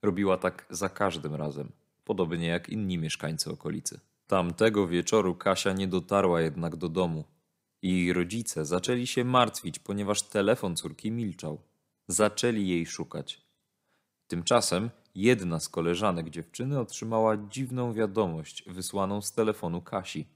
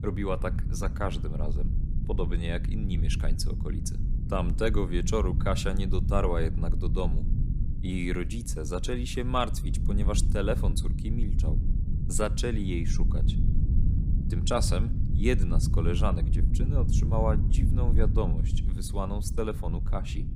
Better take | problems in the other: first | low rumble; loud; throughout; 10 dB below the speech

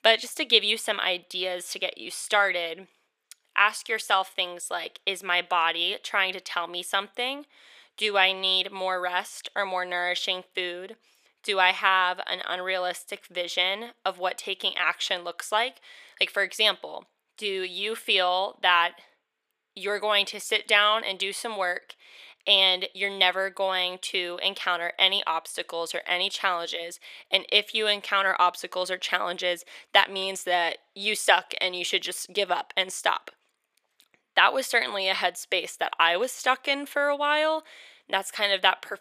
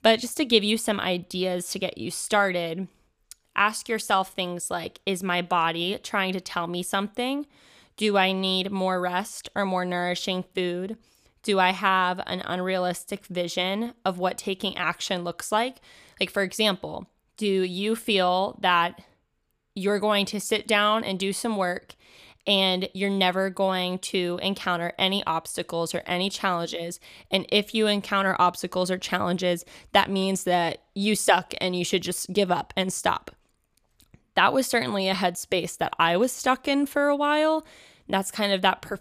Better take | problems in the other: second | thin; very; fading below 500 Hz

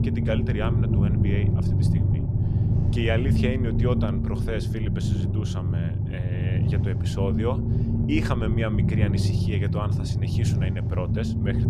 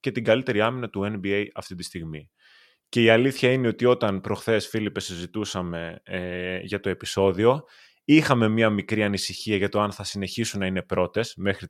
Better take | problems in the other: second | low rumble; loud; throughout; 2 dB below the speech

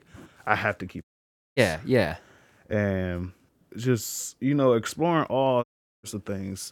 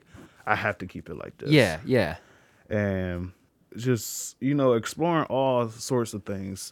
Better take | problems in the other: second | audio cutting out; at 1 s for 0.5 s and at 5.5 s

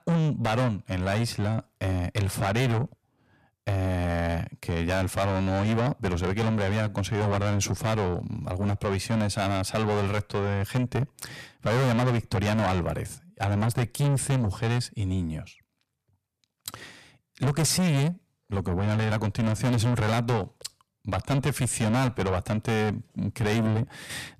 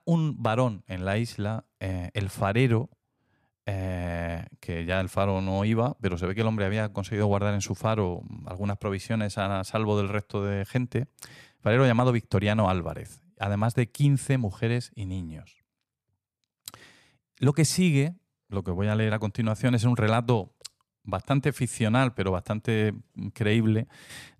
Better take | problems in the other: second | distortion; heavy; 5 dB below the speech

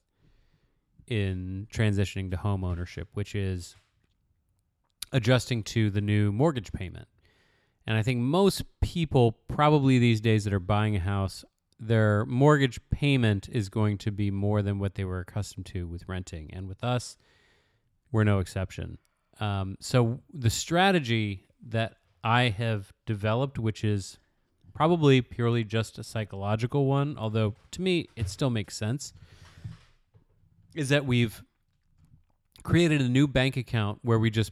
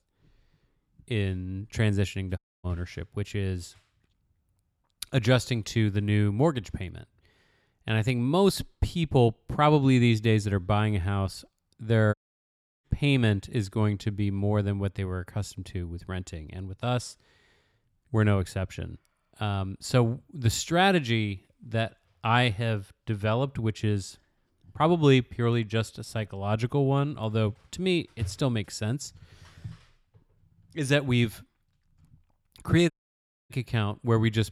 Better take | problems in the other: first | audio cutting out; at 2.5 s, at 12 s for 0.5 s and at 33 s for 0.5 s

